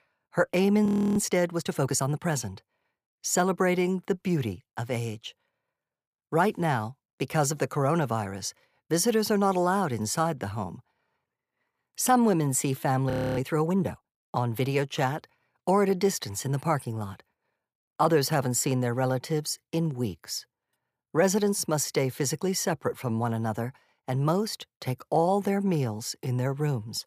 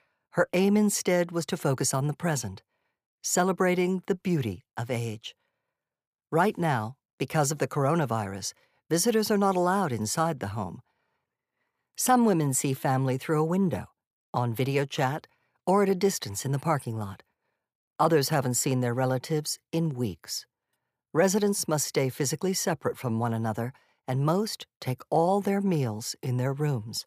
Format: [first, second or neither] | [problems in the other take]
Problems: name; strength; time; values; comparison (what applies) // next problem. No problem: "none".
second | audio freezing; at 1 s and at 13 s